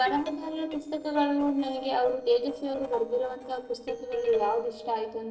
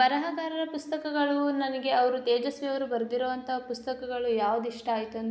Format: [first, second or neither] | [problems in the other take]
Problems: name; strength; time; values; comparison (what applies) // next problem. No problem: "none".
second | noise reduction (neural separator model SepFormer DNS4)